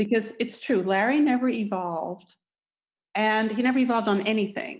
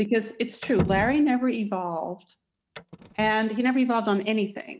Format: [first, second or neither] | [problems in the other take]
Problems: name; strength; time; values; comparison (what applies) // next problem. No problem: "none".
first | noise reduction (neural mask model RNNoise)